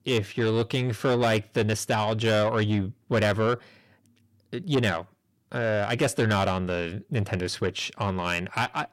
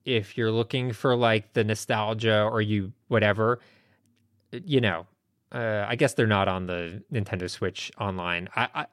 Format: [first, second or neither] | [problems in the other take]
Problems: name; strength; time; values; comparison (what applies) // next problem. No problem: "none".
second | distortion; slight; 10 dB below the speech